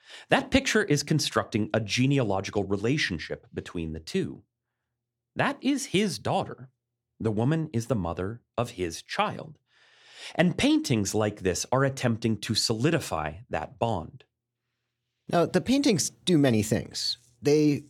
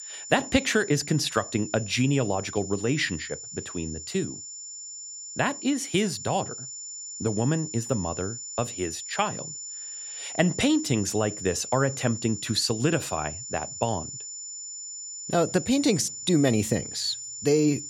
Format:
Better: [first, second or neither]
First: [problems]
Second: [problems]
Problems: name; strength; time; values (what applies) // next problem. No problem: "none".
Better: first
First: none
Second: high-pitched whine; loud; throughout; 7 kHz, 9 dB below the speech